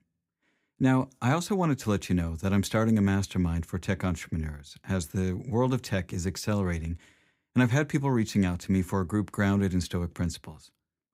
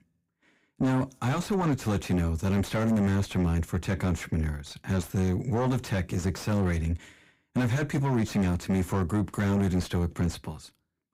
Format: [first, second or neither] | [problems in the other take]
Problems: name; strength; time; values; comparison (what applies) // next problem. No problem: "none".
first | distortion; heavy; 7 dB below the speech